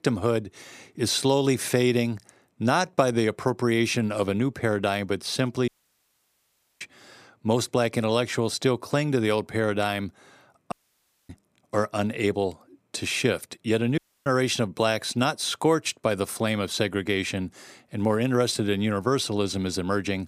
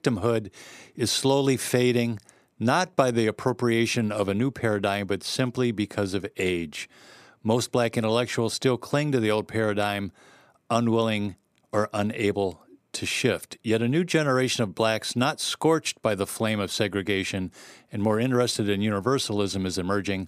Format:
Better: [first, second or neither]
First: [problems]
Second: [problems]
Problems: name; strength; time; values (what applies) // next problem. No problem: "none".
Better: second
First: audio cutting out; at 5.5 s for 1 s, at 11 s for 0.5 s and at 14 s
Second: none